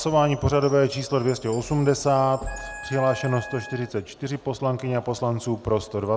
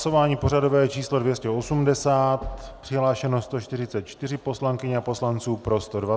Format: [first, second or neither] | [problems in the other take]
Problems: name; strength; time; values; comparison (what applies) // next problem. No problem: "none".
second | background sound (Chime + Wind instrument, woodwind instrument); 19 dB below the speech